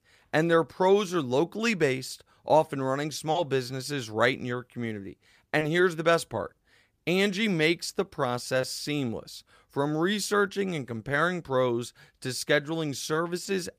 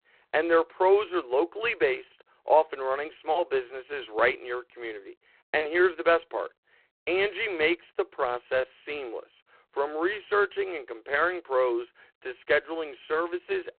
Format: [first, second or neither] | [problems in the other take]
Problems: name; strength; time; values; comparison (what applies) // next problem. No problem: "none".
first | phone-call audio; poor line; nothing above 3.5 kHz